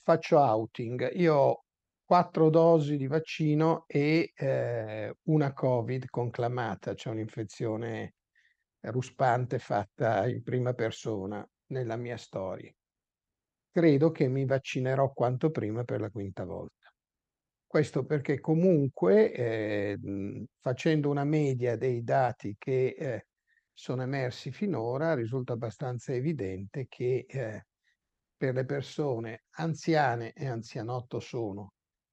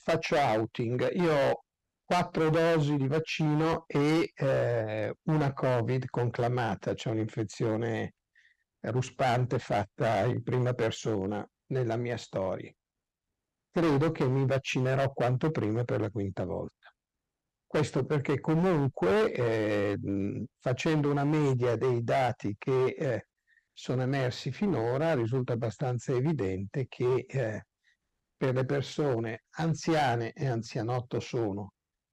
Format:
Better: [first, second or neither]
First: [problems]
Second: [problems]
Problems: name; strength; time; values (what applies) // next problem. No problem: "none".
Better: first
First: none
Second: distortion; heavy; 12% of the sound clipped